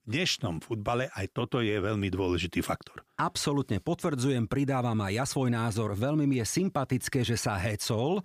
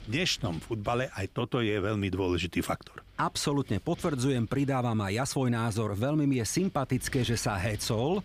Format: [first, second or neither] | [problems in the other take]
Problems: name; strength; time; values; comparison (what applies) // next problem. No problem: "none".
first | wind noise on the microphone; occasional gusts; 20 dB below the speech